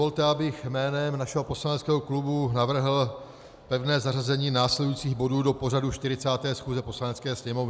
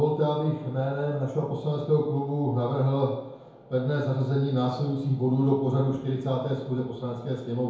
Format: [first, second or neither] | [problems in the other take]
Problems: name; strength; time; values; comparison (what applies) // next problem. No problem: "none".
first | room echo; dies away in 0.9 s